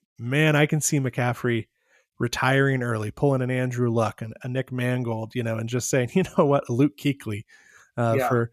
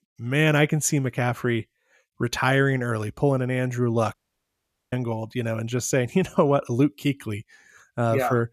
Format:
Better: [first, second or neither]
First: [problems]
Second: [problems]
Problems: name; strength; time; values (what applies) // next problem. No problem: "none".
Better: first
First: none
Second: audio cutting out; at 4 s for 1 s